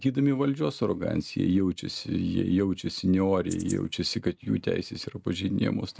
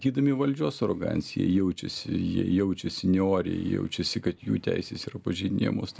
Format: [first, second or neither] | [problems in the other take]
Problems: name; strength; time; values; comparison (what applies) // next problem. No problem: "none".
second | noise reduction (neural mask model RNNoise)